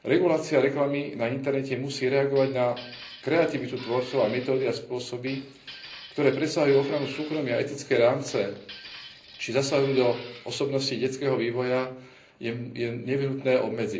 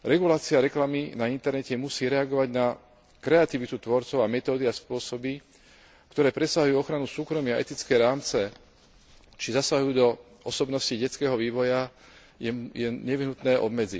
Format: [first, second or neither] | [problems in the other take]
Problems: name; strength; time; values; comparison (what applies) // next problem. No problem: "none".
second | background sound (Glass); 18 dB below the speech // room echo; dies away in 0.5 s